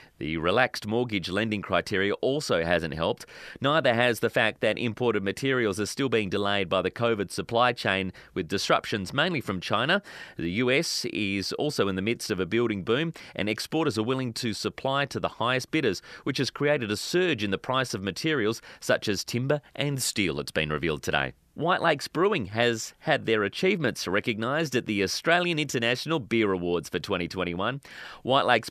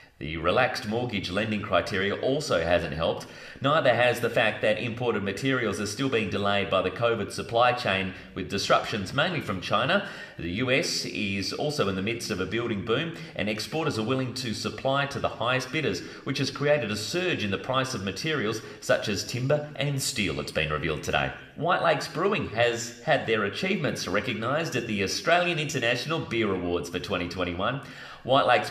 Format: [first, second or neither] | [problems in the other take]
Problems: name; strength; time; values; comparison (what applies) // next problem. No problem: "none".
first | room echo; very slight; dies away in 0.7 s